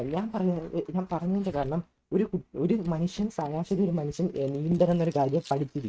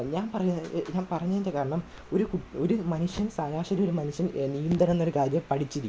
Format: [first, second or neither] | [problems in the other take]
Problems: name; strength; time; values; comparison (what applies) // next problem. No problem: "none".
second | noise reduction (neural mask model RNNoise)